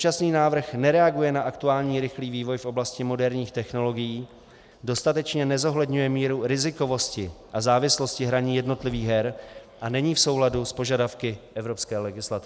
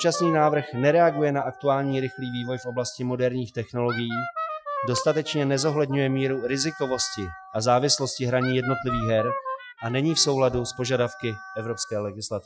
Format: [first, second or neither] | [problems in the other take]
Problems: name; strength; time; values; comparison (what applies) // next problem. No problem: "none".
first | noise reduction (classical method Wiener filter)